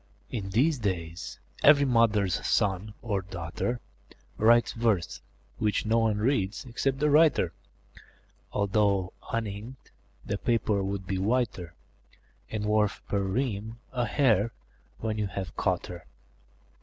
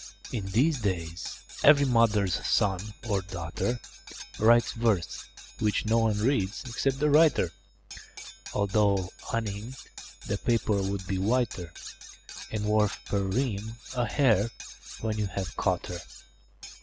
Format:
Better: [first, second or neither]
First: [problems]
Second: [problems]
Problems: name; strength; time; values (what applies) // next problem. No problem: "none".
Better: first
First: none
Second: background sound (Cutlery, silverware); 17 dB below the speech